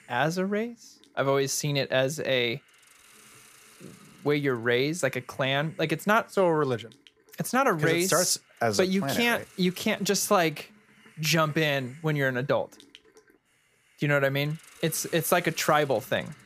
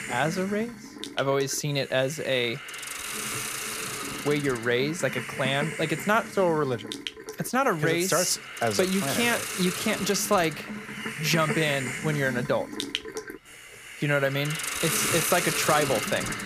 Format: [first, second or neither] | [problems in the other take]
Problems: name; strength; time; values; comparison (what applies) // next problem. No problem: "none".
first | hiss; loud; throughout; 5 dB below the speech; faint in the first